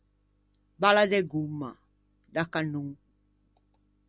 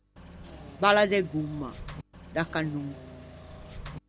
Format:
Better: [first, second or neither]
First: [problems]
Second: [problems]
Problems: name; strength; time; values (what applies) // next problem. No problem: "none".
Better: first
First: none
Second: background sound (Engine / Mechanisms); 13 dB below the speech